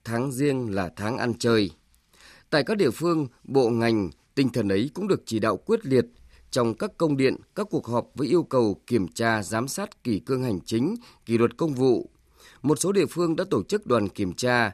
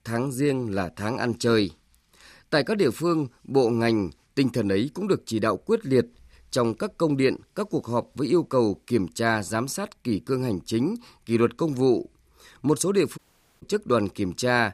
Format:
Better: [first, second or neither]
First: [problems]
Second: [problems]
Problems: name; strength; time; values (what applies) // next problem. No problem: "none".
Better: first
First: none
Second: audio cutting out; at 13 s